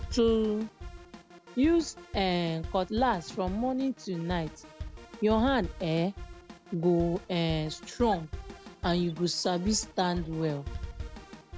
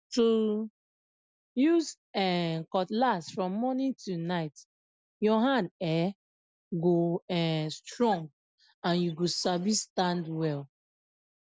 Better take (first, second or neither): second